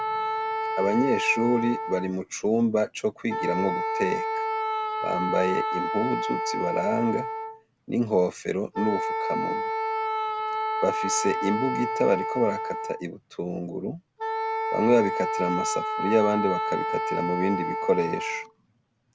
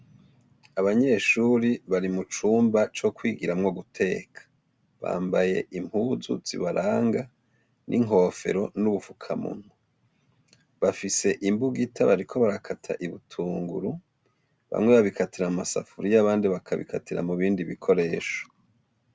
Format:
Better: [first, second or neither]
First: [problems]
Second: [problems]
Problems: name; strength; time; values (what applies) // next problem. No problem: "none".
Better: second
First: background sound (Wind instrument, woodwind instrument); 2 dB below the speech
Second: none